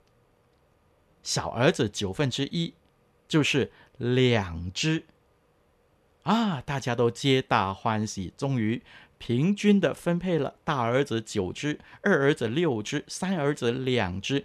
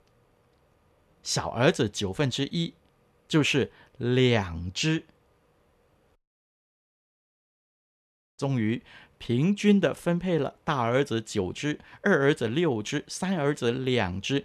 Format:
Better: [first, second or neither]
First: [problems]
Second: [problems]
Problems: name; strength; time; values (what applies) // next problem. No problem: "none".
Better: first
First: none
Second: audio cutting out; at 6 s for 2 s